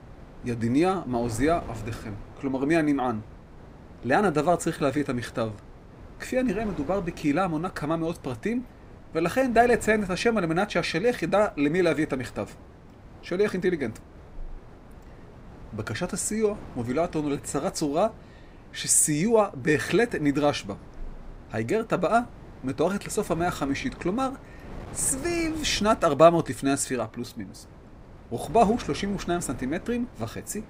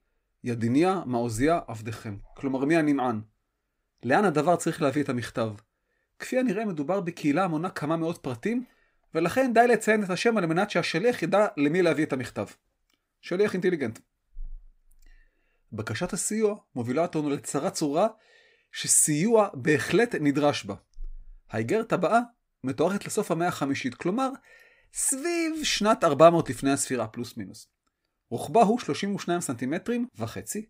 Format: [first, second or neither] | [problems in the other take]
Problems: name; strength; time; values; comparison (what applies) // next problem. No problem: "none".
second | wind noise on the microphone; occasional gusts; 20 dB below the speech